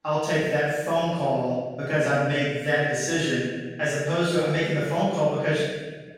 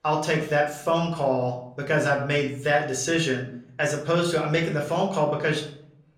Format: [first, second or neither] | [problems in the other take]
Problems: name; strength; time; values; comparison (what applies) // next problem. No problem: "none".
second | room echo; strong; dies away in 1.2 s; slight in the second // off-mic speech; far; somewhat distant in the second